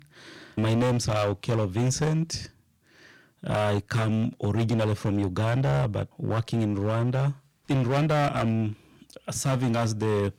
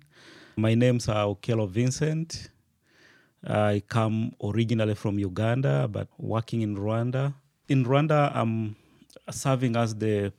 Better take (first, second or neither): second